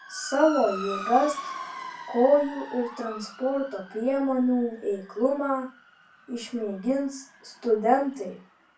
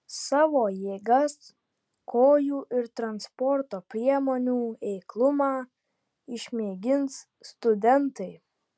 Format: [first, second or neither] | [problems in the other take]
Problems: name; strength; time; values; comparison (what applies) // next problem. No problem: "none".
second | background sound (Motor vehicle (road) / Siren); 14 dB below the speech // room echo; dies away in 0.3 s